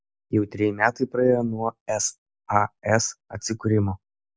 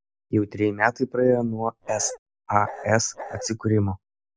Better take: first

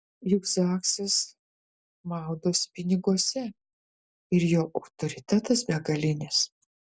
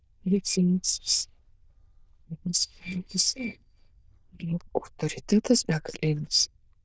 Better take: first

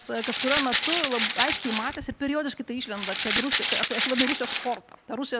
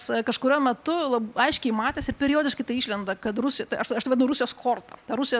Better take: second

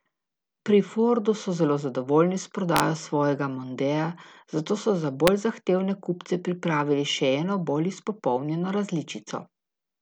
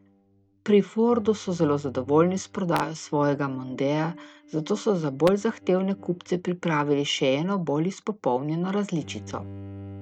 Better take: first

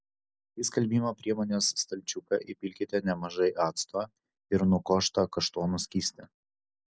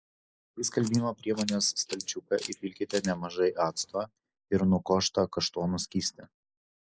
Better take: first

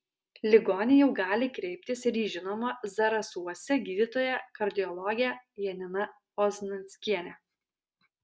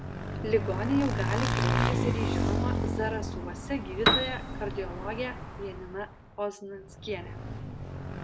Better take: first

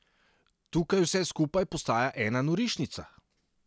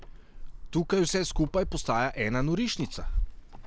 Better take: first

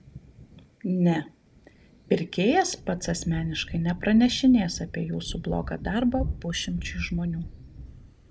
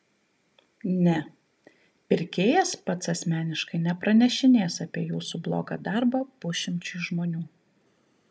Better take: second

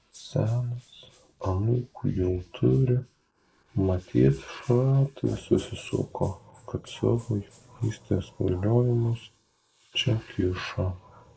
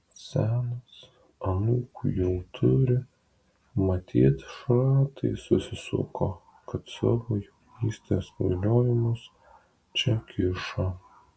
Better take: second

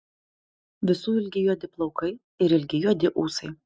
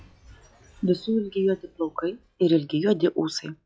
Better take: first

